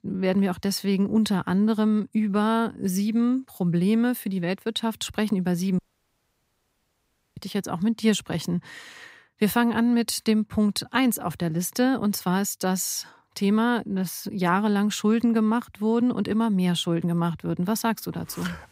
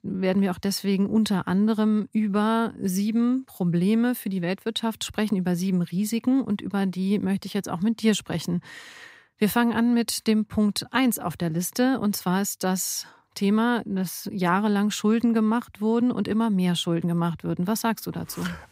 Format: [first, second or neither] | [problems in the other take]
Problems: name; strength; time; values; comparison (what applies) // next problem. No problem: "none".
second | audio cutting out; at 6 s for 1.5 s